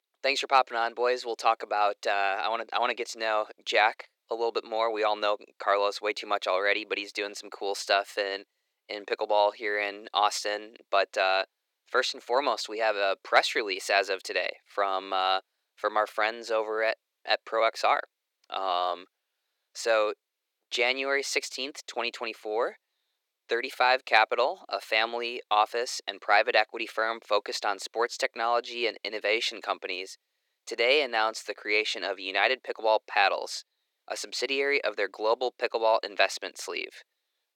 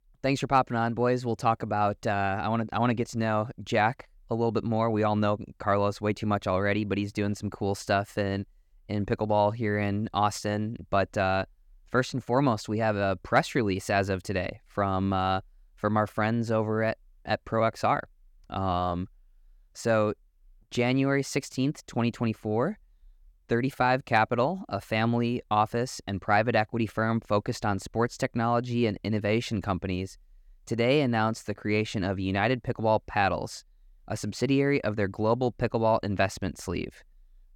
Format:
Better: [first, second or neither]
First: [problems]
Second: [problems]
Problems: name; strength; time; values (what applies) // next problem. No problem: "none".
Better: second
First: thin; very; fading below 400 Hz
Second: none